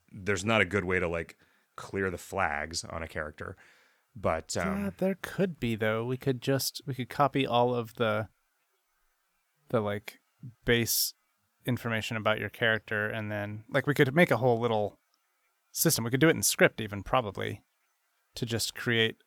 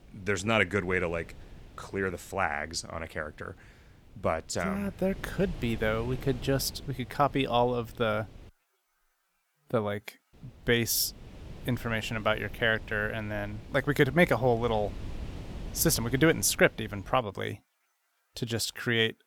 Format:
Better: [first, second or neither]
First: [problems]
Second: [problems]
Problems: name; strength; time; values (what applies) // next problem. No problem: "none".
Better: first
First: none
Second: wind noise on the microphone; occasional gusts; until 8.5 s and from 10 to 17 s; 25 dB below the speech